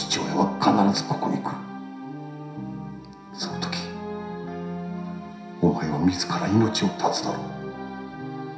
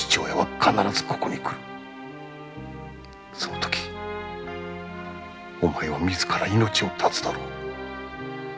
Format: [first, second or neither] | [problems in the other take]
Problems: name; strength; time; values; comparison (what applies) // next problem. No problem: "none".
second | room echo; dies away in 0.7 s